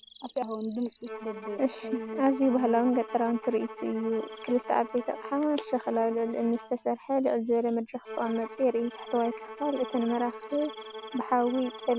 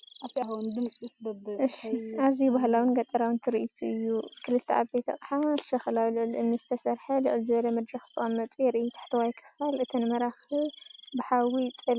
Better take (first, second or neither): second